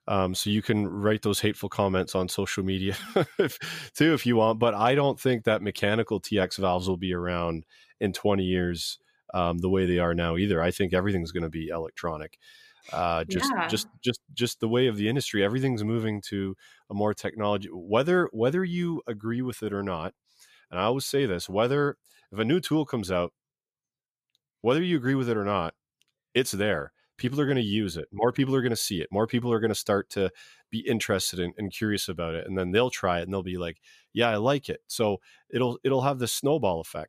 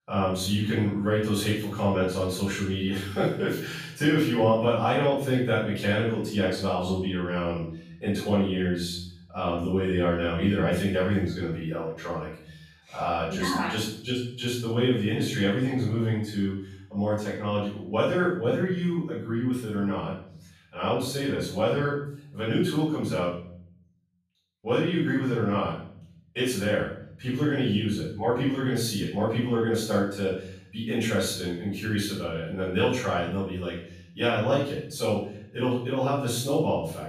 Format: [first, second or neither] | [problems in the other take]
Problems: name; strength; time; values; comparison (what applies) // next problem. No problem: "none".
first | off-mic speech; far // room echo; noticeable; dies away in 0.6 s